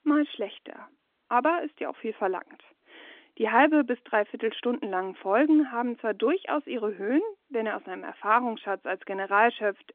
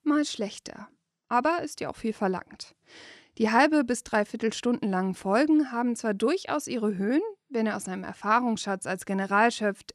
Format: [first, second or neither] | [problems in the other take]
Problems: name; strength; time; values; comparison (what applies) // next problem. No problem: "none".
second | phone-call audio; nothing above 3.5 kHz